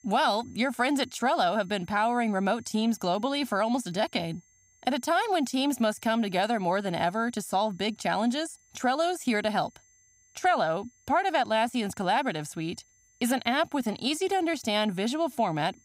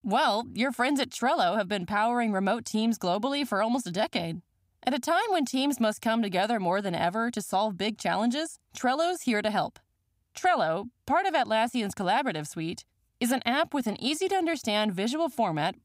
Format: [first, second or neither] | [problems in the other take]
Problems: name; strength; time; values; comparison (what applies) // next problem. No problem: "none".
second | high-pitched whine; faint; throughout; 6.5 kHz, 30 dB below the speech